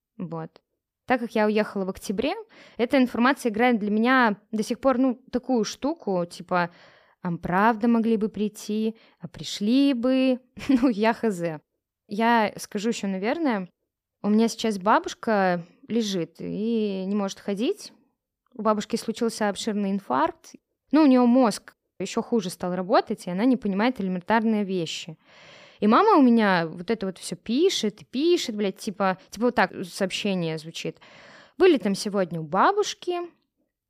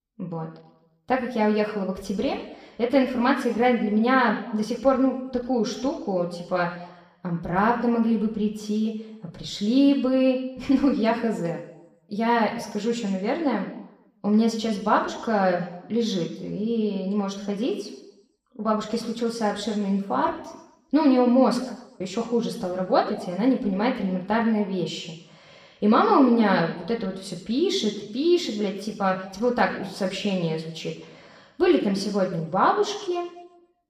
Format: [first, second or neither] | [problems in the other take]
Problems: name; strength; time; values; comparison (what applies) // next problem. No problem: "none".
first | room echo; slight; dies away in 0.8 s // off-mic speech; far